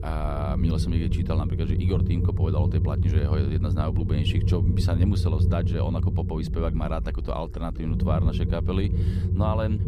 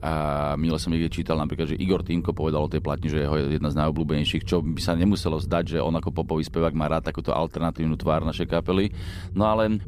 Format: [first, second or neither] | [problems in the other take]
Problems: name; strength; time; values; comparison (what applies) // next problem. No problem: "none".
second | low rumble; loud; throughout; 5 dB below the speech; faint in the second